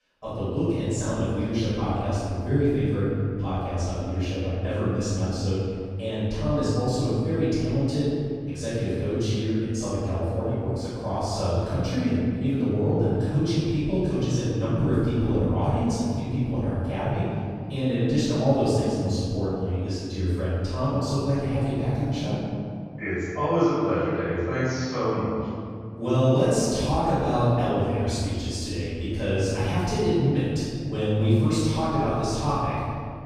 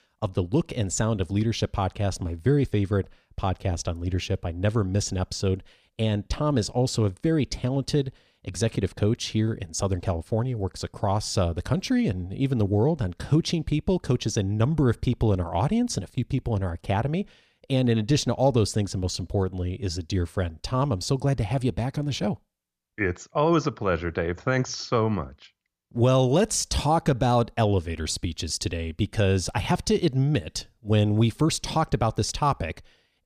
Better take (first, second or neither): second